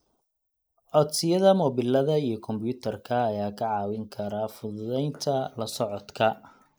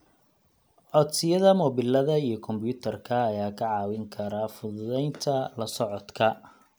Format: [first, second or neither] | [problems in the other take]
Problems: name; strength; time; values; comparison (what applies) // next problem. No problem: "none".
second | noise reduction (neural mask model Resemble Enhance denoiser)